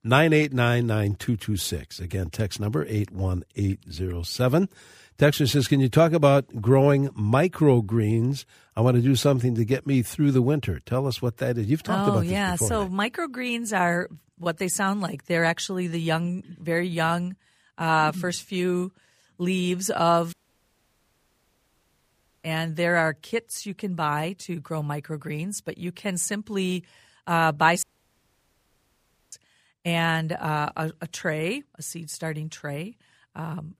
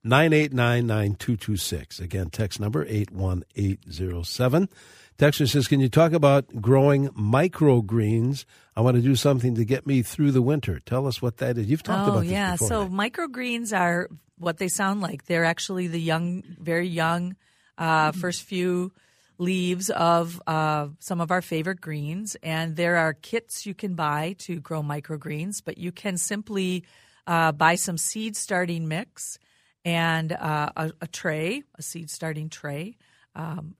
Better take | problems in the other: second | audio cutting out; at 20 s for 2 s and at 28 s for 1.5 s

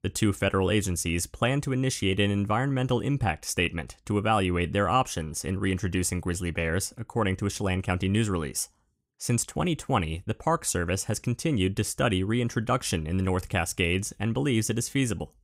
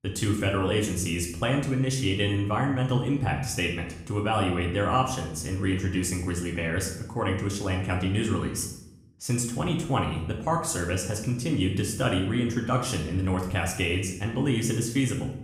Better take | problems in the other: first | room echo; slight; dies away in 0.7 s // off-mic speech; somewhat distant

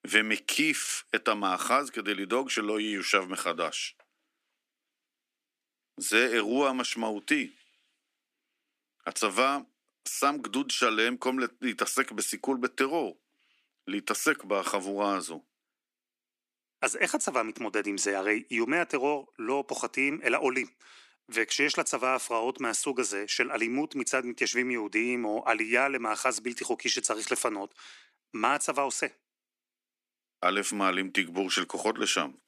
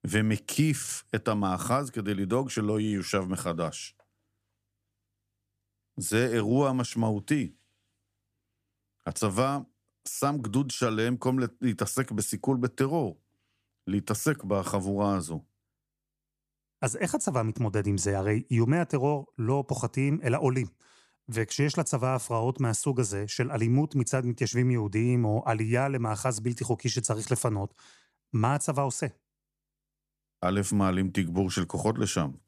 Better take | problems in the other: second | thin; somewhat; fading below 250 Hz

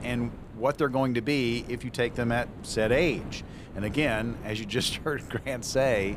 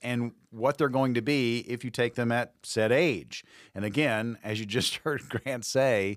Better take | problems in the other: second | wind noise on the microphone; occasional gusts; 20 dB below the speech

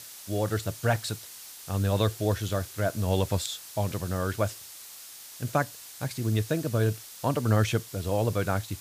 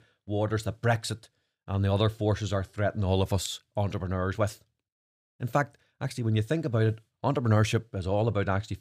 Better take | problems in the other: second | hiss; noticeable; throughout; 15 dB below the speech

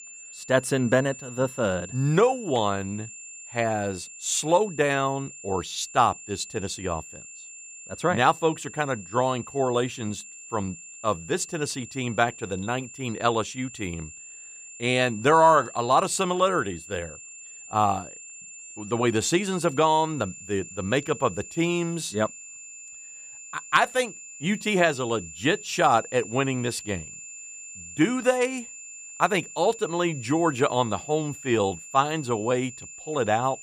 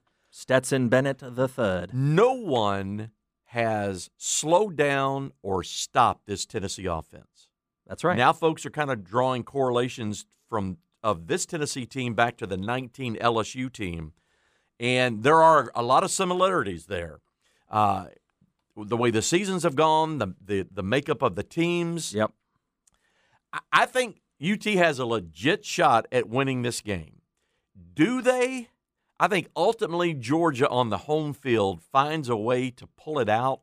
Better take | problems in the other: second | high-pitched whine; noticeable; throughout; 7 kHz, 15 dB below the speech

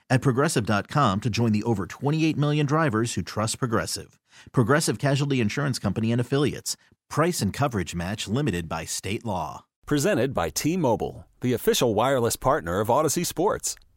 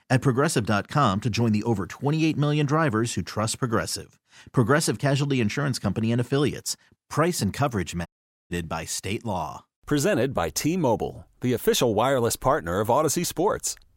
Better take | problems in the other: first | audio cutting out; at 8 s

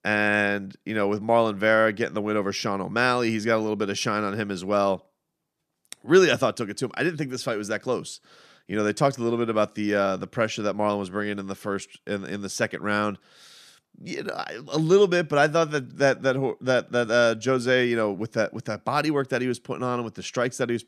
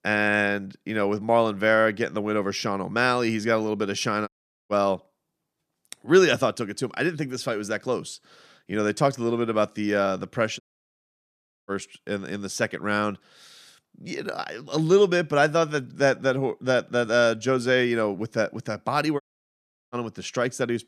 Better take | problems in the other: first | audio cutting out; at 4.5 s, at 11 s for 1 s and at 19 s for 0.5 s

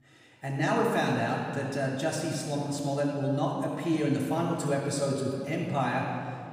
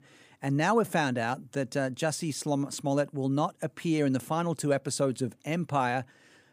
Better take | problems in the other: second | off-mic speech; far // room echo; noticeable; dies away in 1.9 s

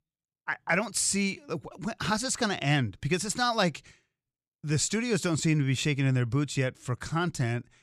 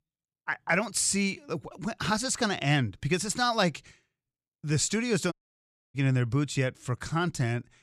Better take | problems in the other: first | audio cutting out; at 5.5 s for 0.5 s

